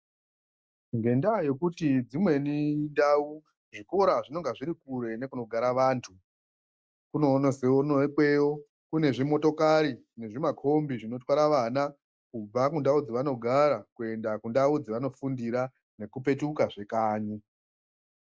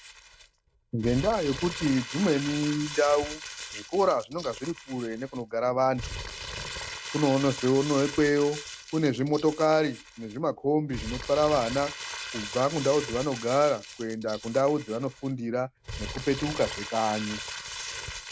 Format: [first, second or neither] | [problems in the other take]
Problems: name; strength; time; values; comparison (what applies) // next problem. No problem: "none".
first | background sound (Crumpling, crinkling); 11 dB below the speech